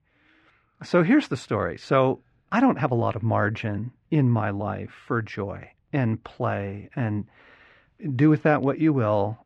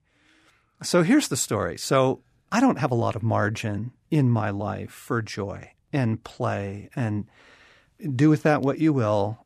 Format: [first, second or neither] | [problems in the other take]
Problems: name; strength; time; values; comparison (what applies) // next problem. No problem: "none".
second | muffled; slightly; fading above 2.5 kHz